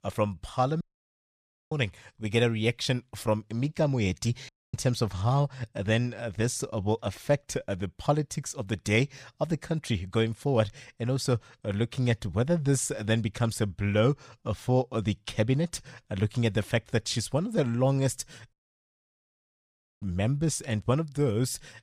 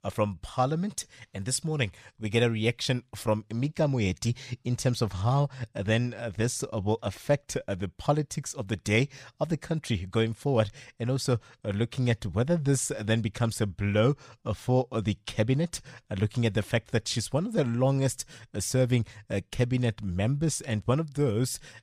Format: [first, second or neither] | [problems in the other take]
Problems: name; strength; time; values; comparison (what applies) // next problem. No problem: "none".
second | audio cutting out; at 1 s for 1 s, at 4.5 s and at 19 s for 1.5 s